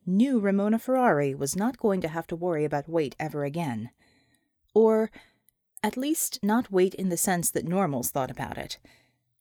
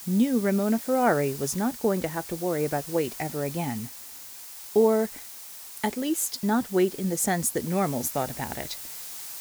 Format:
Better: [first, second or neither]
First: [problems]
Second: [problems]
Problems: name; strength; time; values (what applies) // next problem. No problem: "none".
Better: first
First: none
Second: hiss; noticeable; throughout; 10 dB below the speech